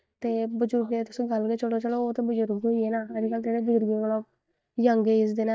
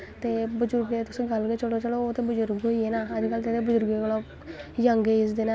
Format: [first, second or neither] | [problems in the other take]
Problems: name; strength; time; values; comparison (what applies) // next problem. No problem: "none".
second | noise reduction (neural mask model DeepFilterNet 3)